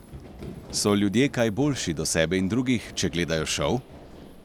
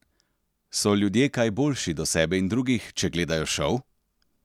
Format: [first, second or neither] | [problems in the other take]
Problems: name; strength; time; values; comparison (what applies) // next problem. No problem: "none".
second | background sound (Run); 17 dB below the speech